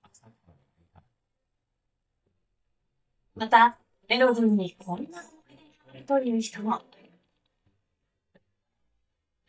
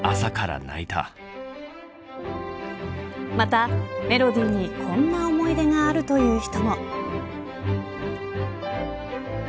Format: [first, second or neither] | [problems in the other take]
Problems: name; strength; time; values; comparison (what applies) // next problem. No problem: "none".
second | noise reduction (neural mask model DeepFilterNet 3)